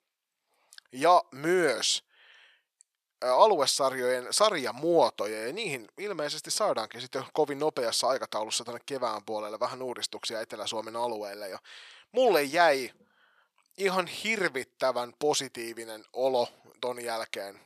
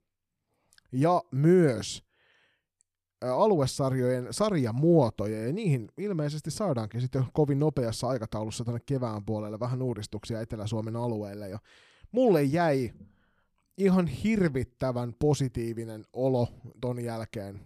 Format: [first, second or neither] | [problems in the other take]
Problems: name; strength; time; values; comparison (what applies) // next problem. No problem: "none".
second | thin; very; fading below 700 Hz